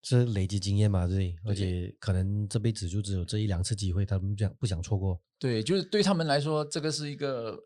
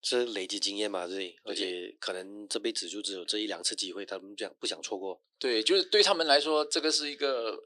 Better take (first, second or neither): first